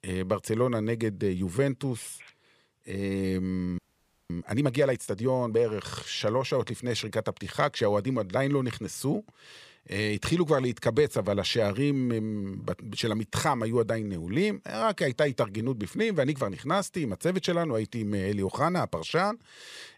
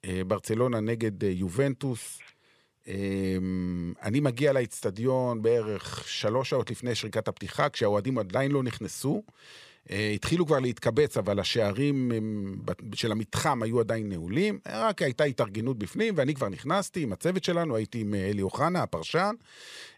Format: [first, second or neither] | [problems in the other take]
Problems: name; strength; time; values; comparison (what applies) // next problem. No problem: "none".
second | audio freezing; at 4 s for 0.5 s